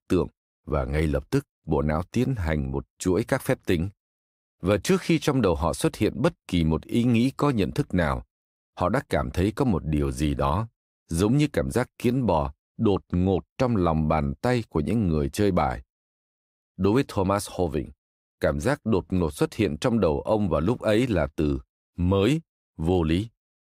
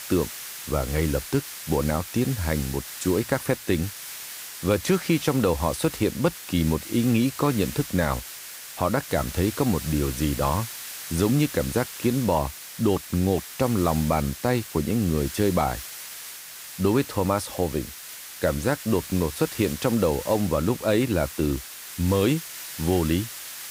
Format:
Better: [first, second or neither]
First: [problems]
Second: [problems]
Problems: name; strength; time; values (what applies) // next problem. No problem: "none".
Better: first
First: none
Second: hiss; noticeable; throughout; 10 dB below the speech